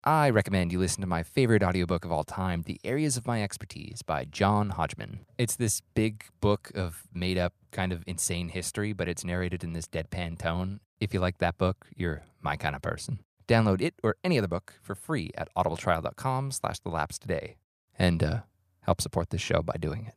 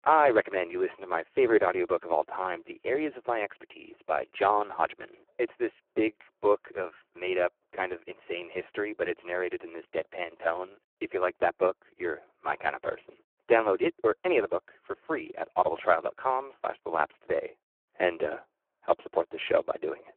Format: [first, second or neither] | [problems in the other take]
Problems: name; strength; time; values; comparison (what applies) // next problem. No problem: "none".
first | phone-call audio; poor line